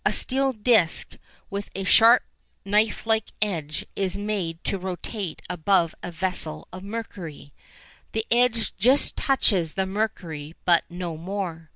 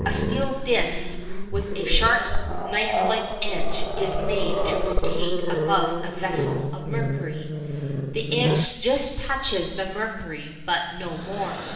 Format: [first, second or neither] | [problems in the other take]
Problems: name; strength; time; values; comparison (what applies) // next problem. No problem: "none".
first | background sound (Growling); 3 dB above the speech // room echo; dies away in 1.1 s